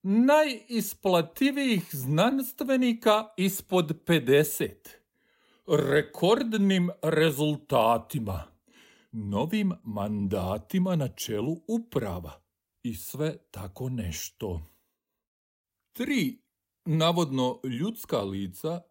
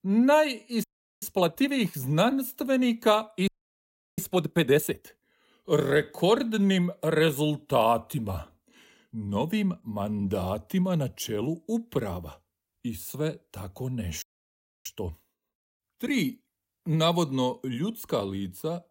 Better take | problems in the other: first | audio freezing; at 1 s, at 3.5 s for 0.5 s and at 14 s for 0.5 s

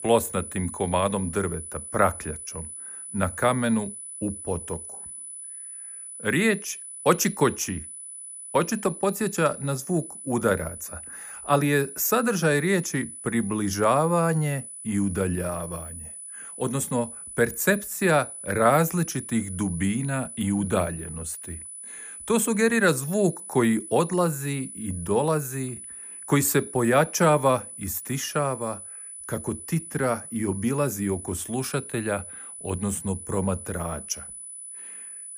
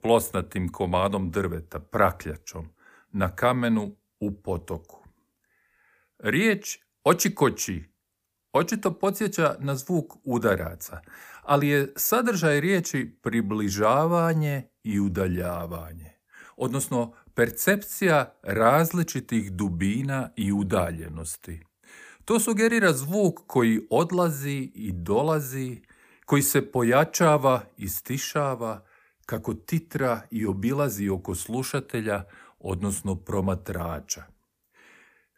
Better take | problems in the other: second | high-pitched whine; noticeable; throughout; 10 kHz, 10 dB below the speech

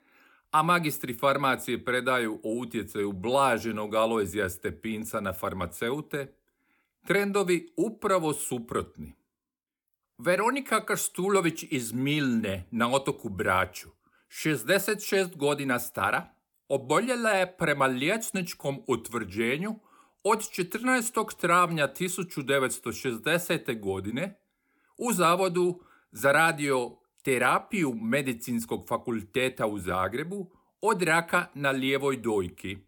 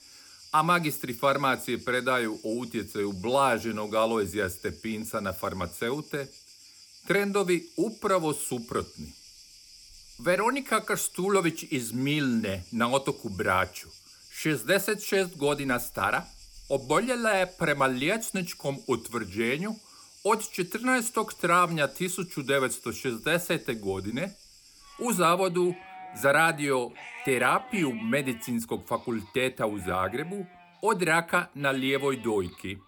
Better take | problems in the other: first | animal sounds; faint; throughout; 20 dB below the speech

